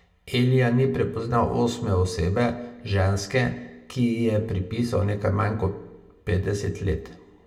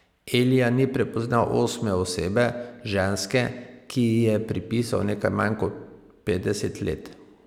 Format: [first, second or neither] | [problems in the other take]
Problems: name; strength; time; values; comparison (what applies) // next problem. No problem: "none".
second | room echo; dies away in 0.2 s